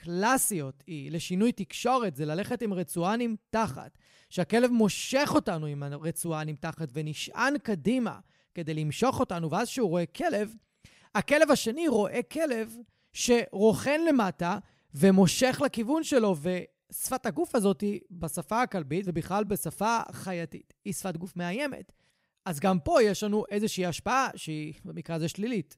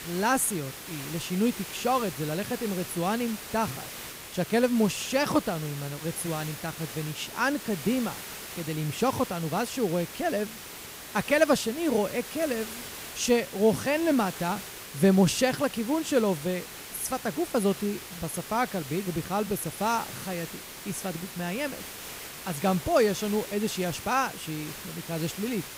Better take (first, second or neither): first